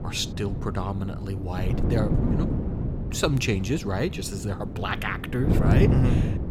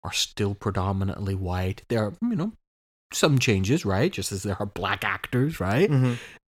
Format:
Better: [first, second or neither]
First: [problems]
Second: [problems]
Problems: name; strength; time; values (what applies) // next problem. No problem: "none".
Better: second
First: wind noise on the microphone; heavy; 5 dB below the speech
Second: none